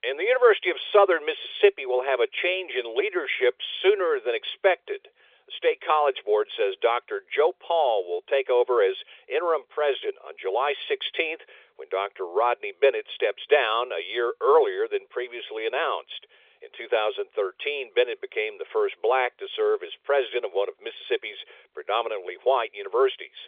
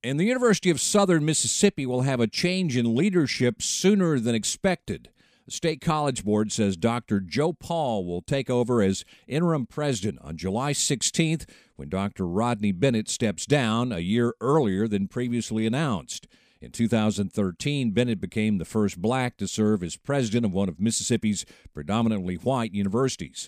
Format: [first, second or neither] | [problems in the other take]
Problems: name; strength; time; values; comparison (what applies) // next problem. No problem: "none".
second | phone-call audio; nothing above 3.5 kHz